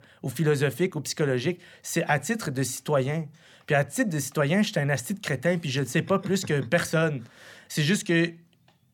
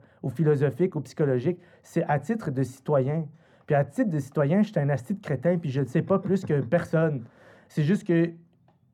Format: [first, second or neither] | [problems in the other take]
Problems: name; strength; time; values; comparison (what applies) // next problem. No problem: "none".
first | muffled; very; fading above 1.5 kHz